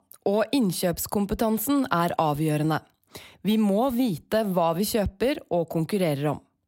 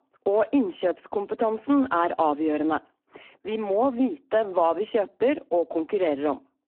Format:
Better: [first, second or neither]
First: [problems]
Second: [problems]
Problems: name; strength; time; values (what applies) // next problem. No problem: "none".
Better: first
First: none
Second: phone-call audio; poor line